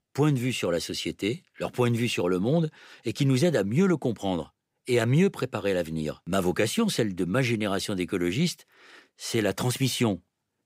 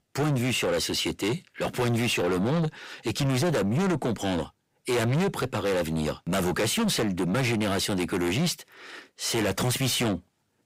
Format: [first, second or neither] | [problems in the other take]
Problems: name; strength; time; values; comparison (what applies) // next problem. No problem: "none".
first | distortion; heavy; 6 dB below the speech